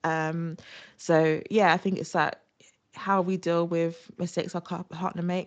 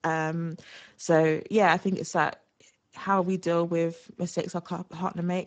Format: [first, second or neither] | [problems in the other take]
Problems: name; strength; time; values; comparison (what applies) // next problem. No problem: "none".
first | garbled, watery; badly; nothing above 7.5 kHz; slightly in the first